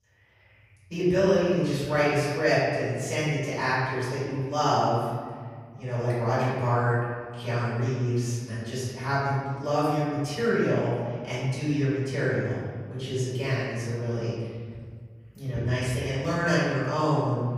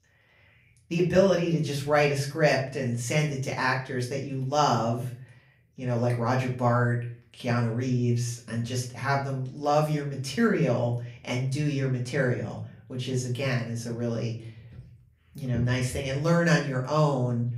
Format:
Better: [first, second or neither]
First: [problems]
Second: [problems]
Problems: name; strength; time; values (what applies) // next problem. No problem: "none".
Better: second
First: room echo; strong; dies away in 1.7 s // off-mic speech; far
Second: room echo; slight; dies away in 0.4 s // off-mic speech; far